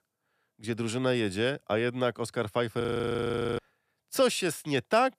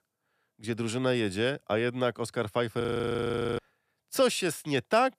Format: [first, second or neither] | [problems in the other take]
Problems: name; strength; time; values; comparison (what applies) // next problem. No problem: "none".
neither | audio freezing; at 3 s for 1 s; the same in both